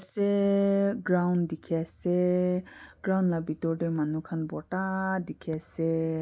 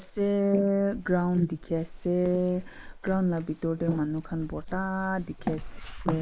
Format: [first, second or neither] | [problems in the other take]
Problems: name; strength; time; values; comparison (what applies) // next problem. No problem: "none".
first | noise reduction (neural mask model Resemble Enhance denoiser)